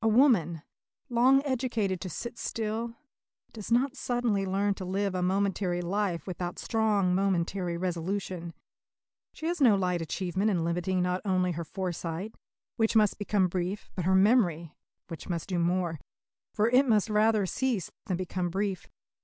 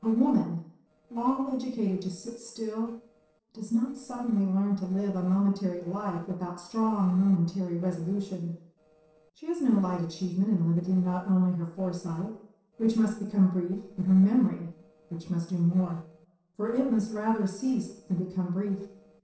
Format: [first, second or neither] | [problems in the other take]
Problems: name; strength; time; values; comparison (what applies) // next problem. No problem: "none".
first | noise reduction (neural separator model SepFormer DNS4)